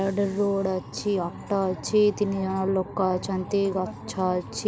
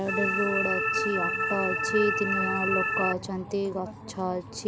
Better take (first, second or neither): first